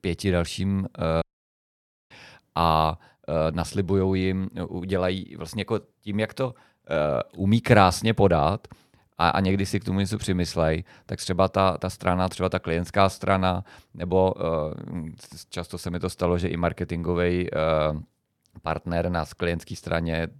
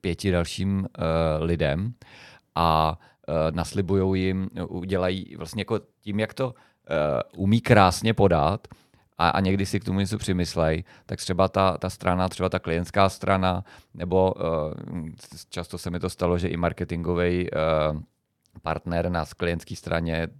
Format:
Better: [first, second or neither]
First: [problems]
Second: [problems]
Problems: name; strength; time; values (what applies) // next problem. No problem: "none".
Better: second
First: audio cutting out; at 1 s for 1 s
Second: none